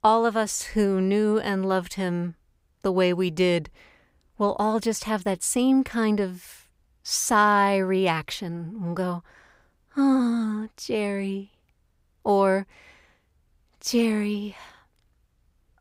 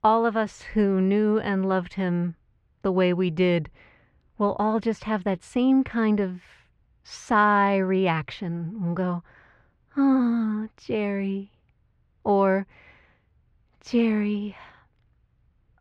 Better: first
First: none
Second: muffled; slightly; fading above 2.5 kHz

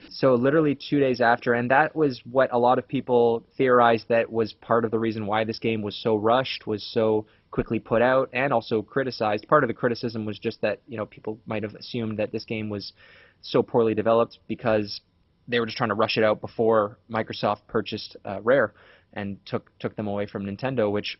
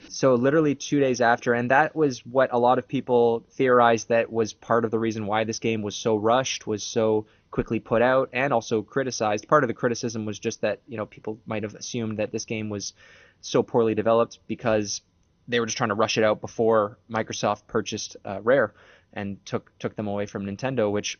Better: second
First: garbled, watery; badly; nothing above 5.5 kHz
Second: garbled, watery; slightly; nothing above 6.5 kHz

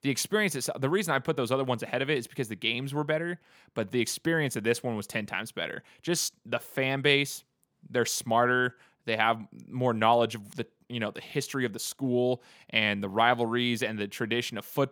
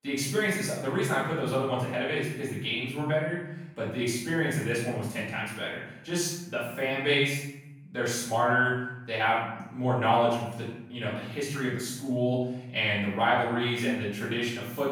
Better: first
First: none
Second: room echo; noticeable; dies away in 0.9 s // off-mic speech; far

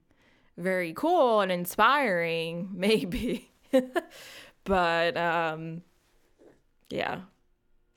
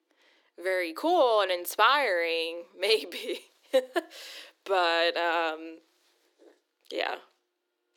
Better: first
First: none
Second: thin; very; fading below 300 Hz

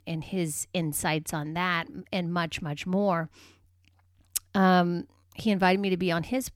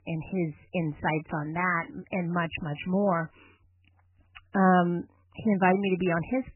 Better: first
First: none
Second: garbled, watery; badly; nothing above 3 kHz

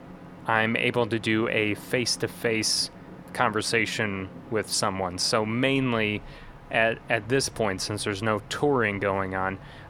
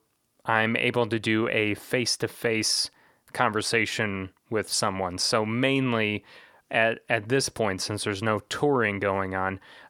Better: second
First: train or aircraft noise; noticeable; throughout; 20 dB below the speech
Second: none

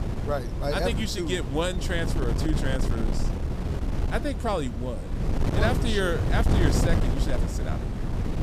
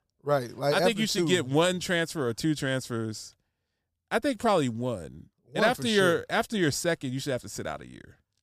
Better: second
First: wind noise on the microphone; heavy; 5 dB below the speech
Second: none

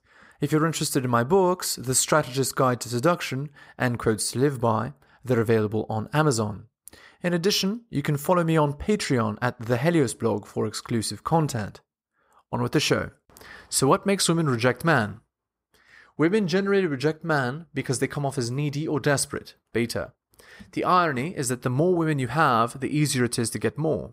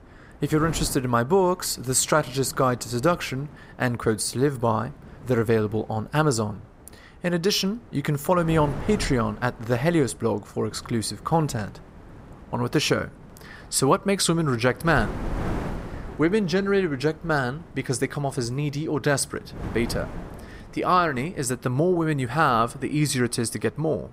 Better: first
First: none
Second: wind noise on the microphone; occasional gusts; 20 dB below the speech

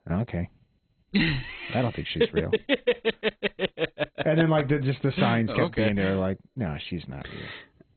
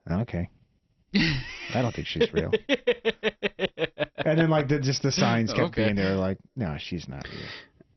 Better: second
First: garbled, watery; badly; nothing above 4 kHz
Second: garbled, watery; slightly; nothing above 6 kHz

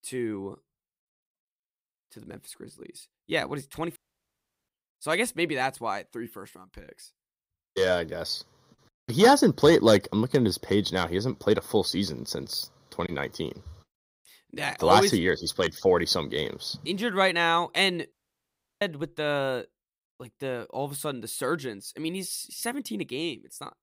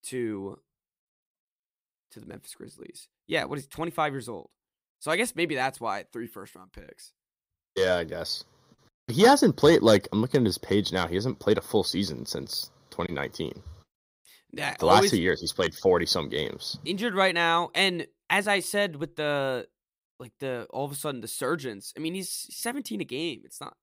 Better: second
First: audio cutting out; at 4 s for 0.5 s and at 18 s for 0.5 s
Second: none

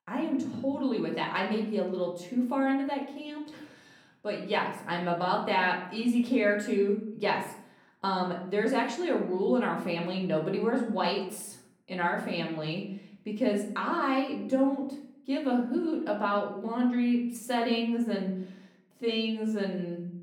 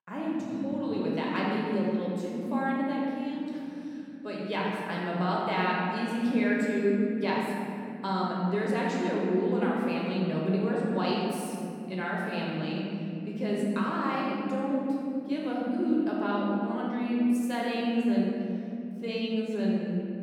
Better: first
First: room echo; slight; dies away in 0.5 s // off-mic speech; far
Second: room echo; strong; dies away in 3 s // off-mic speech; far

